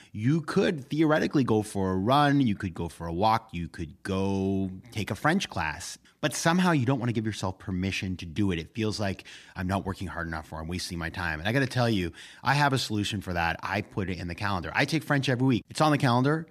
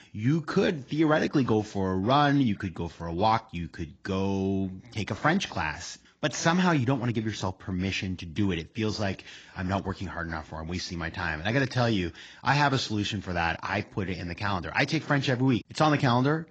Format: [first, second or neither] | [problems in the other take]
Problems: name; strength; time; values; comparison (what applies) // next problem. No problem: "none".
first | garbled, watery; badly